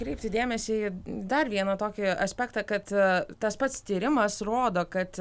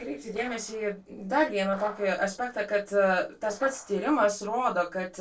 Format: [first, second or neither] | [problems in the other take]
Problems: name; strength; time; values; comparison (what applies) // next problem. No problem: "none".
first | noise reduction (neural separator model SepFormer DNS4)